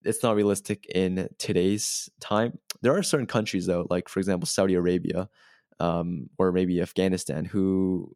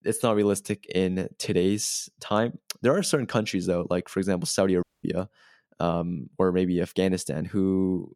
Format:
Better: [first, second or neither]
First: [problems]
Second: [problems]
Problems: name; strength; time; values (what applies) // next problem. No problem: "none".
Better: first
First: none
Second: audio cutting out; at 5 s